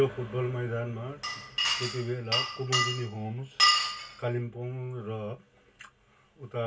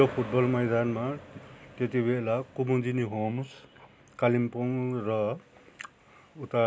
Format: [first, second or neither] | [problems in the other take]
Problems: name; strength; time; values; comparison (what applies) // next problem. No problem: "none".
second | background sound (Glass); 4 dB above the speech // room echo; dies away in 0.1 s